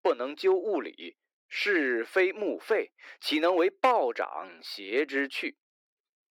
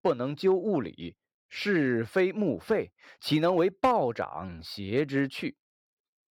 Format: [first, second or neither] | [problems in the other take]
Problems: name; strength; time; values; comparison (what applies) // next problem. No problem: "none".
second | thin; somewhat; fading below 300 Hz